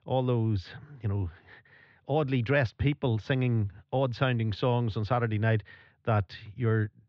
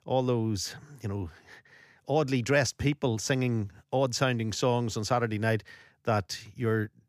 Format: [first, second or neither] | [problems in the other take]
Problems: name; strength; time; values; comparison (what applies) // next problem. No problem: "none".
second | muffled; slightly; fading above 4 kHz